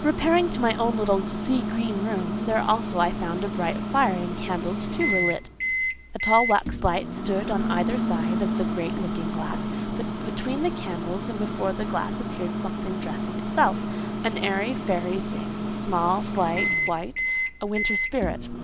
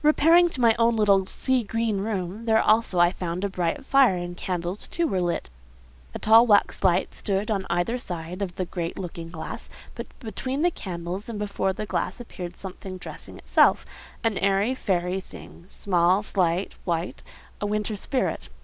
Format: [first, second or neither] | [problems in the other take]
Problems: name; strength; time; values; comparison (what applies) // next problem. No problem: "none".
second | background sound (Microwave oven); 2 dB below the speech